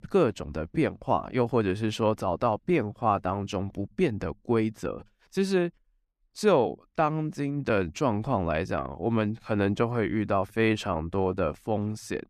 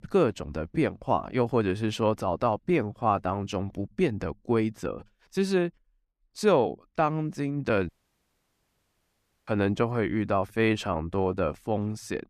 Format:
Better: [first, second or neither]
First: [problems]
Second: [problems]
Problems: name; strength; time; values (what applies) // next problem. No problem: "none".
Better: first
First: none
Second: audio cutting out; at 8 s for 1.5 s